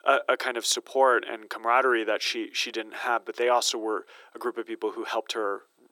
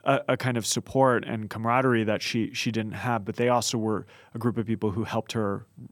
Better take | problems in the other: second | thin; very; fading below 350 Hz

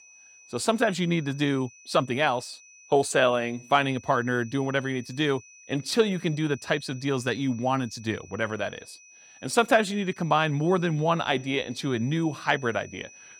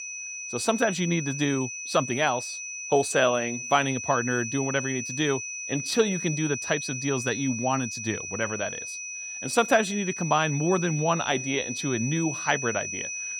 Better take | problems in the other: first | high-pitched whine; loud; throughout; 6 kHz, 6 dB below the speech; faint in the first

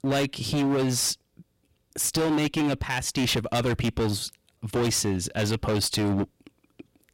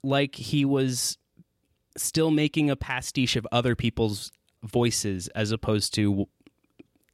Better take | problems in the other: second | distortion; heavy; 20% of the sound clipped

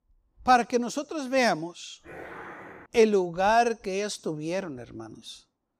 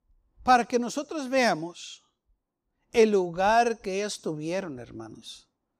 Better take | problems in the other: second | dog barking; faint; at 2 s; peak 15 dB below the speech

